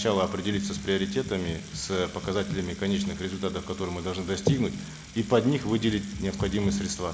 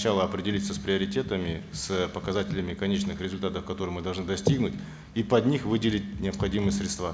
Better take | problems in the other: second | background sound (Sink (filling or washing) / Water tap, faucet); 20 dB below the speech

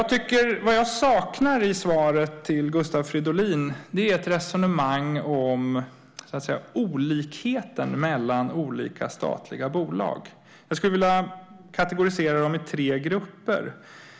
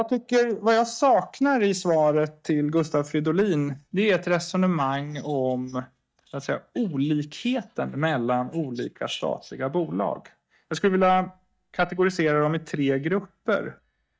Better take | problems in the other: first | noise reduction (neural mask model DeepFilterNet 3)

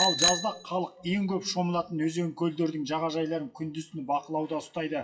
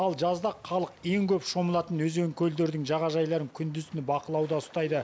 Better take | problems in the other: second | noise reduction (classical method WPE with log-MMSE)

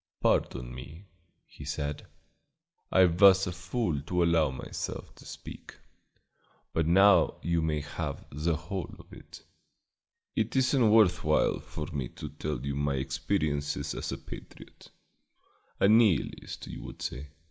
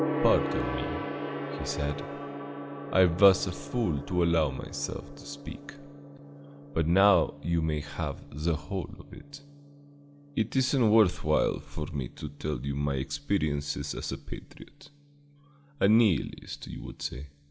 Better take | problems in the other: first | background sound (Gong); 10 dB below the speech

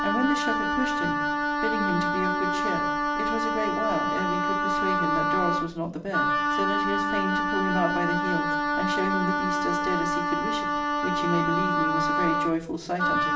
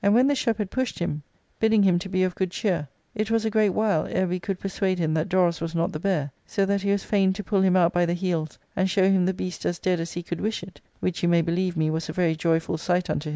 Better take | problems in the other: second | background sound (Wind instrument, woodwind instrument); 4 dB above the speech // room echo; dies away in 0.7 s

